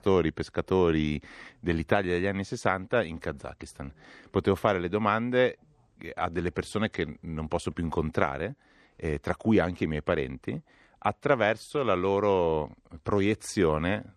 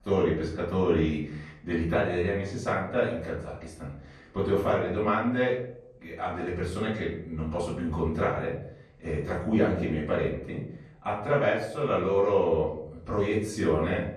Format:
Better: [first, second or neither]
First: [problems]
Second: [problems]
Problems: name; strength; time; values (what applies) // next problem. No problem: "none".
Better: first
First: none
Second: off-mic speech; far // room echo; noticeable; dies away in 0.6 s